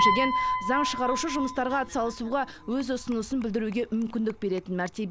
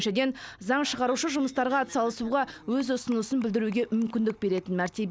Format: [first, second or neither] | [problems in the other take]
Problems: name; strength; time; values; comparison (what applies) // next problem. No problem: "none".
second | background sound (Piano); 3 dB below the speech